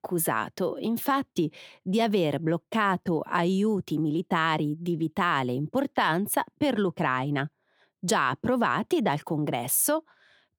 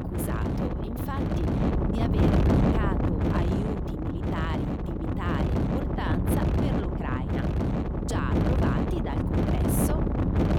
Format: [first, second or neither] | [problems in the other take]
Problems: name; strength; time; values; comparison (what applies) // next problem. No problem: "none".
first | wind noise on the microphone; heavy; 5 dB above the speech